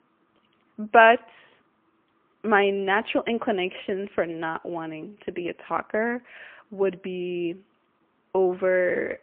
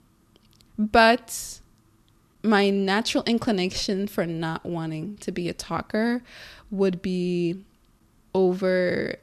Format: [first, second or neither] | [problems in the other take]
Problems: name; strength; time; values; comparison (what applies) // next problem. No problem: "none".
second | phone-call audio; poor line; nothing above 3 kHz